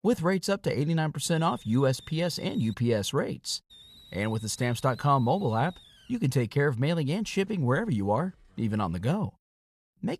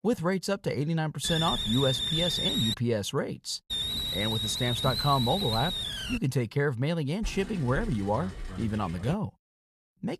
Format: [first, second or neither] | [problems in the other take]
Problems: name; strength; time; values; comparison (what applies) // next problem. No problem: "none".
first | hiss; loud; from 1 to 2.5 s, from 3.5 to 6 s and from 7 to 9 s; 1 dB below the speech; faint in the first